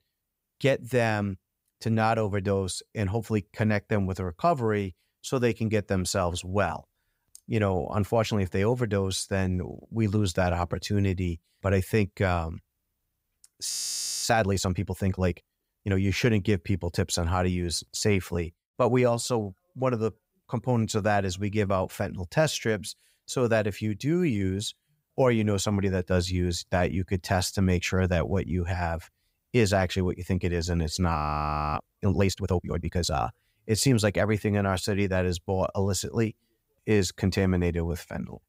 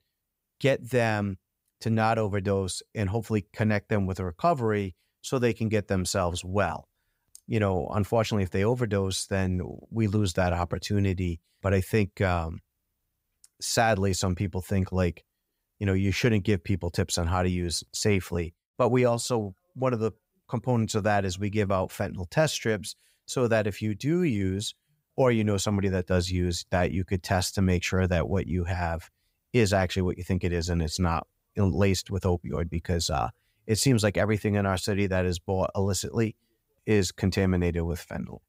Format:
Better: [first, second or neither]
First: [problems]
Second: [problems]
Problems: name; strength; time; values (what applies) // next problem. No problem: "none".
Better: second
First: audio freezing; at 14 s for 0.5 s and at 31 s for 0.5 s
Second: none